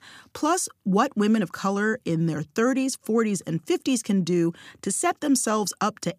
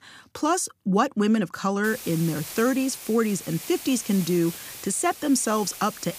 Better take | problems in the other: first | hiss; noticeable; from 2 s on; 10 dB below the speech

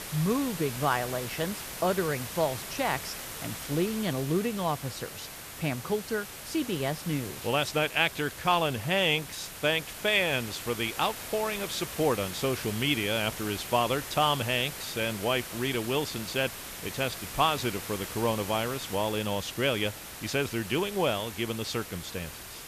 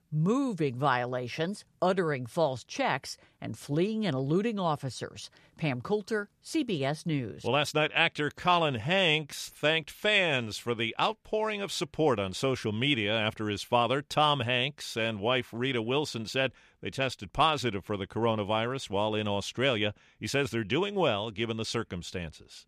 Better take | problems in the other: second | hiss; loud; throughout; 9 dB below the speech

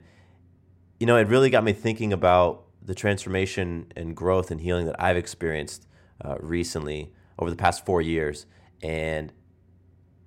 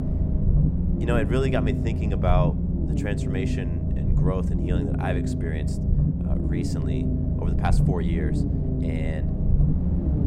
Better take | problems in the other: first | low rumble; loud; throughout; 2 dB below the speech

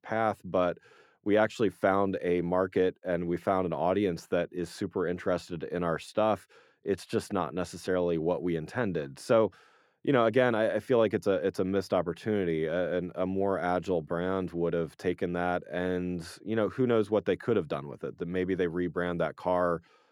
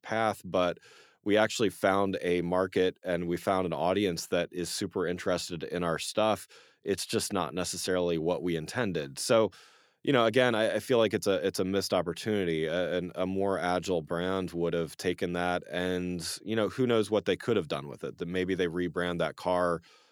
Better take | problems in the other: second | muffled; slightly; fading above 2.5 kHz

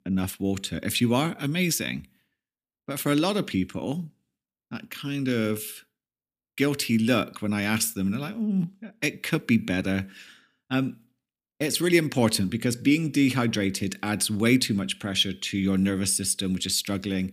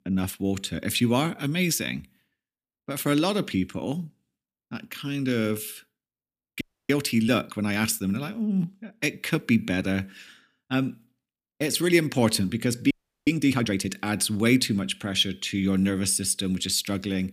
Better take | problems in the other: first | audio freezing; at 6.5 s and at 13 s

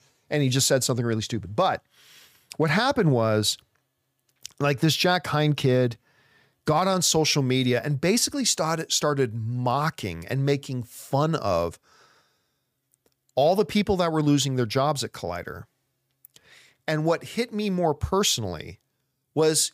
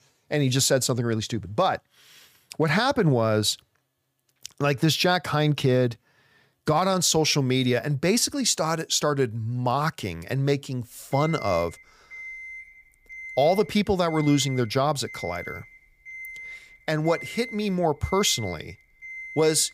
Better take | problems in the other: first | alarm; faint; from 11 s on; peak 10 dB below the speech

